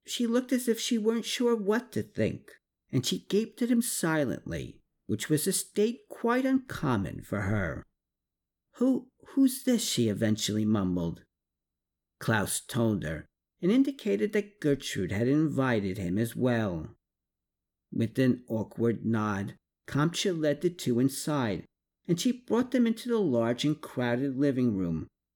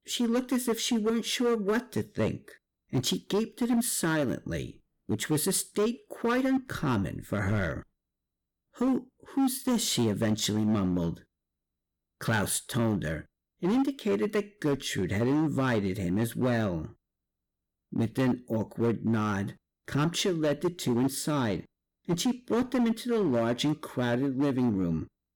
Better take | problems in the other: first | distortion; slight; 9% of the sound clipped

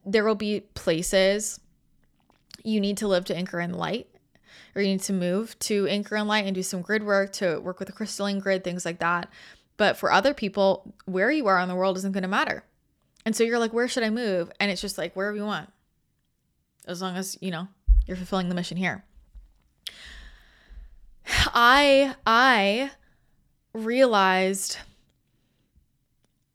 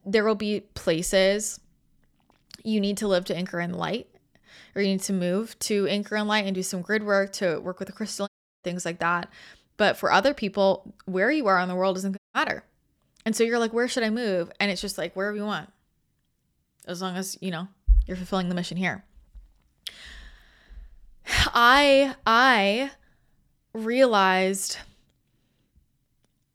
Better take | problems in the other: first | audio cutting out; at 8.5 s and at 12 s

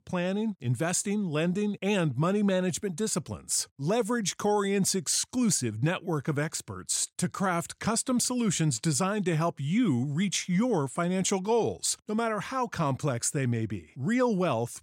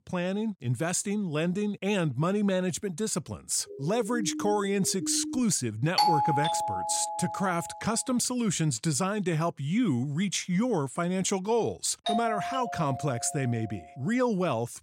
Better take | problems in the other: first | siren; noticeable; from 3.5 to 5.5 s; peak 6 dB below the speech // doorbell; loud; from 6 to 7.5 s; peak 5 dB above the speech // doorbell; noticeable; from 12 to 14 s; peak 2 dB below the speech

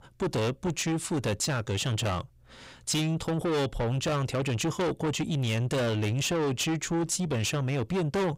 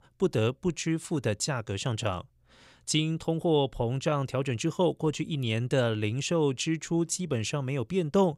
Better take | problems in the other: second | distortion; heavy; 6 dB below the speech

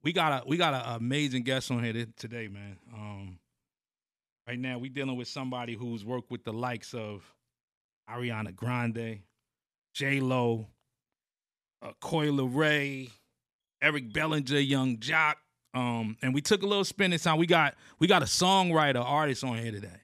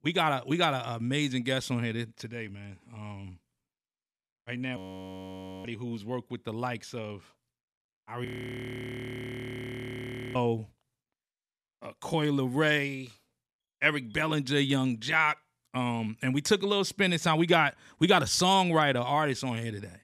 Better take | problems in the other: first | audio freezing; at 5 s for 1 s and at 8.5 s for 2 s

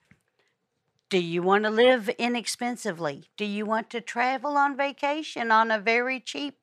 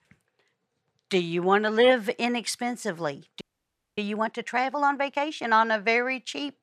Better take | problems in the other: first | audio freezing; at 3.5 s for 0.5 s

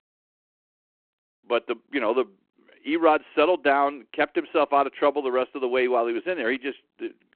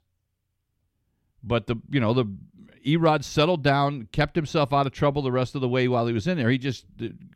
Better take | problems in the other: second | phone-call audio

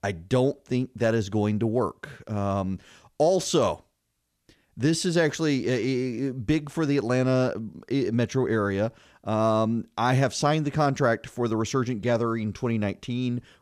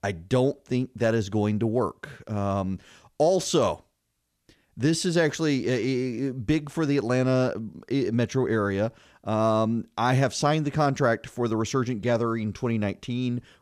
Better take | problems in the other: neither | none

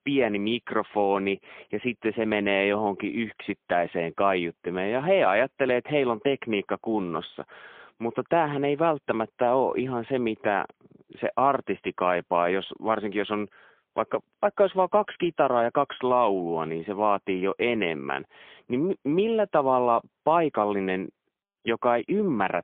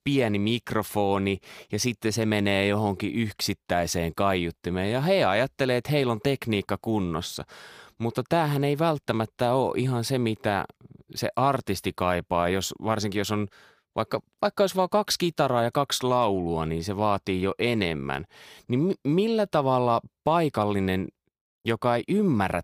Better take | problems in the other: second | phone-call audio; poor line; nothing above 3.5 kHz

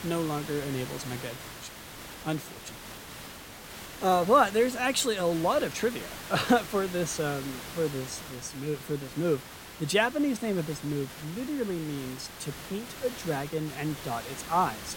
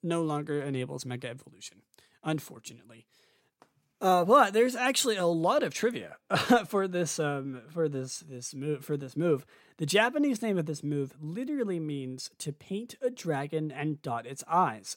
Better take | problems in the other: second | hiss; noticeable; throughout; 10 dB below the speech

